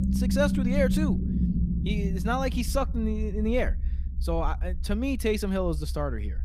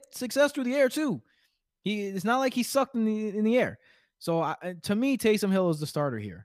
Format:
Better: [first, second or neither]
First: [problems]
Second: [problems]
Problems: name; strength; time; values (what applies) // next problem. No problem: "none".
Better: second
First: low rumble; loud; throughout; 7 dB below the speech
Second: none